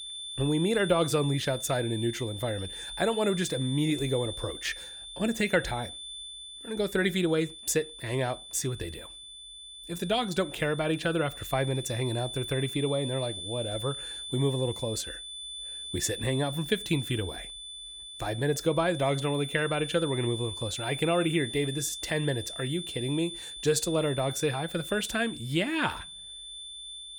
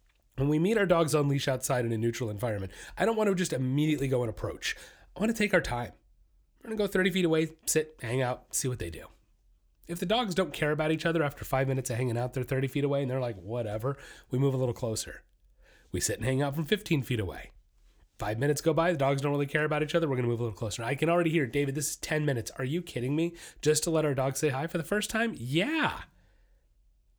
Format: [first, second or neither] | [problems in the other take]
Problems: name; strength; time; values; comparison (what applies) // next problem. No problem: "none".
second | high-pitched whine; loud; throughout; 3.5 kHz, 8 dB below the speech